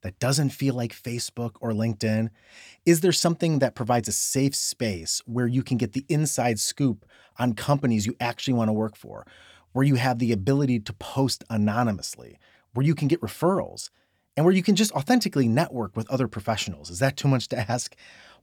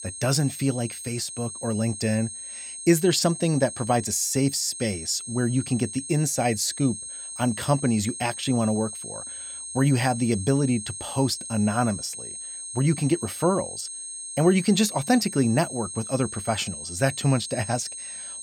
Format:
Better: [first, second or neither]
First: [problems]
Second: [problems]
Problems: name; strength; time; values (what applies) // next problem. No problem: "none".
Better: first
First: none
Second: high-pitched whine; loud; throughout; 8.5 kHz, 9 dB below the speech